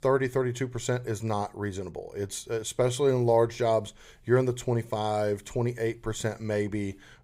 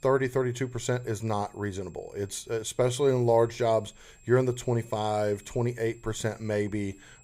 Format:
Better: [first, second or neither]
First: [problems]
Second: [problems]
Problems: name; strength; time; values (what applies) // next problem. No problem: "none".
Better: first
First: none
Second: high-pitched whine; faint; throughout; 7.5 kHz, 30 dB below the speech